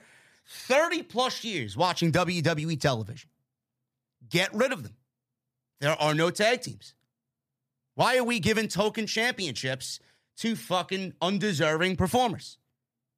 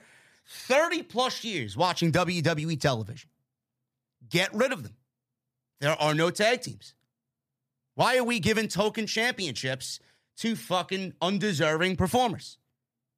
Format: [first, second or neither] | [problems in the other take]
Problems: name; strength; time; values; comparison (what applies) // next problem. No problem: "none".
neither | none